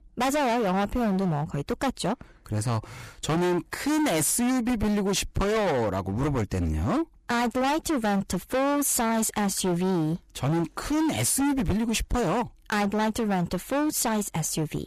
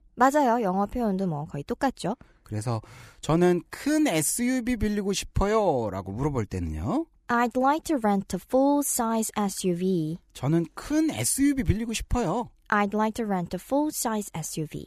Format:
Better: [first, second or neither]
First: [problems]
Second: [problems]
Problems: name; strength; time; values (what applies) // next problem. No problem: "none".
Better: second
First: distortion; heavy; 28% of the sound clipped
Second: none